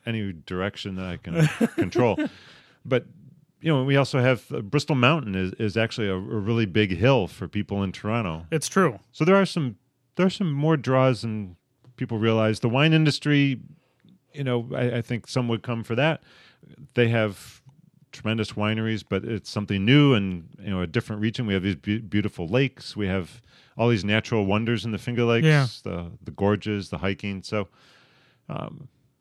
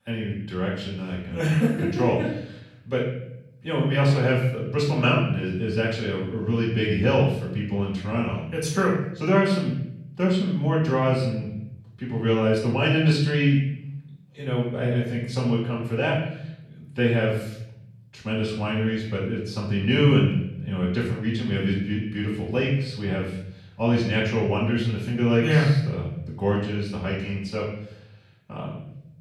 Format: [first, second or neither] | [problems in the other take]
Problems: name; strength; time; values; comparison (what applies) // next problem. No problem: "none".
first | off-mic speech; far // room echo; noticeable; dies away in 0.8 s